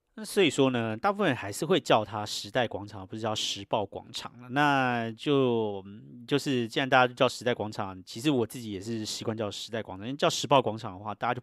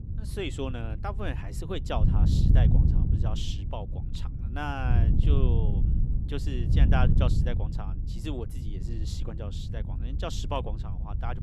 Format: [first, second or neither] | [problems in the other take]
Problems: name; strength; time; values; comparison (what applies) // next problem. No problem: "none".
first | wind noise on the microphone; heavy; 5 dB below the speech